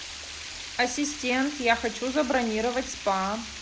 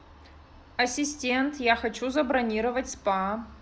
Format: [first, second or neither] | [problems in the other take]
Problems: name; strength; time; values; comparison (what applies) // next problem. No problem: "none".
second | background sound (Water); 11 dB below the speech